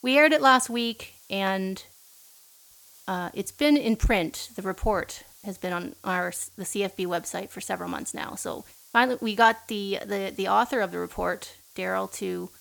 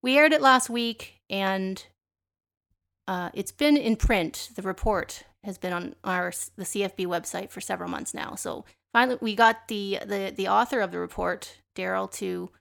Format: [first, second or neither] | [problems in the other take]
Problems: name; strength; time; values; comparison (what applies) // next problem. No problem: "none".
second | hiss; faint; throughout; 25 dB below the speech